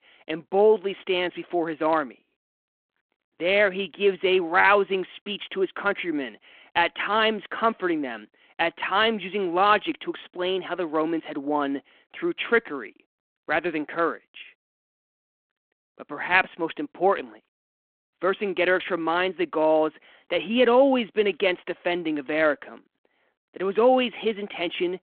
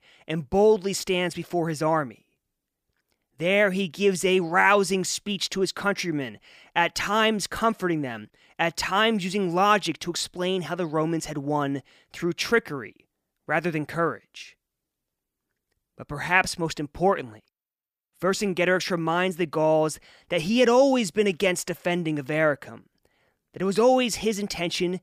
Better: second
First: phone-call audio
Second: none

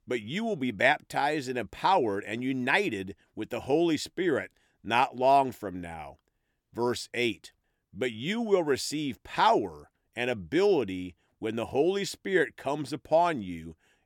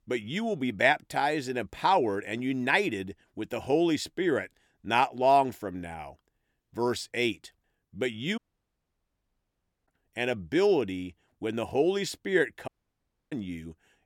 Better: first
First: none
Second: audio cutting out; at 8.5 s for 1.5 s and at 13 s for 0.5 s

